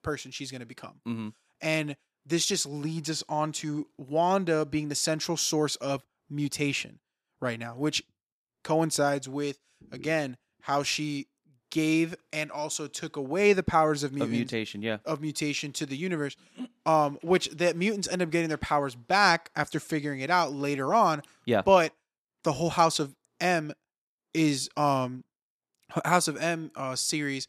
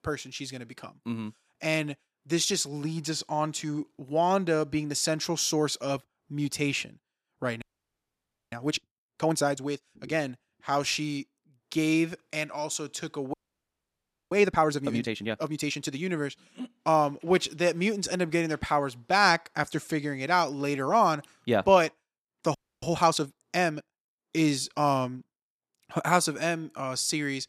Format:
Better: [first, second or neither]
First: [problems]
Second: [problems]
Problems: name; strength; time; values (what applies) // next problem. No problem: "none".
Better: first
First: none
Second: audio freezing; at 7.5 s for 1 s, at 13 s for 1 s and at 23 s